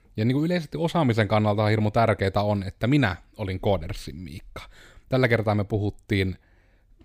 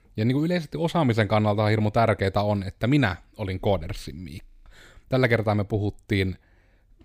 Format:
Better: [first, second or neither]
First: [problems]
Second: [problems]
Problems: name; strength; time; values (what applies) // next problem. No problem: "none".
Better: first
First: none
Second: audio freezing; at 4.5 s